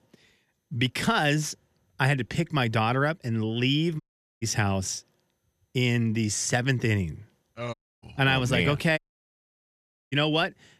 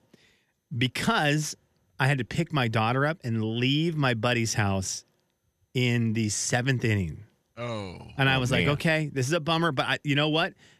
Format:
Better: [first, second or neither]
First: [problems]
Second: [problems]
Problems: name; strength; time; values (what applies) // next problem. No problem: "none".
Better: second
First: audio cutting out; at 4 s, at 7.5 s and at 9 s for 1 s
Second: none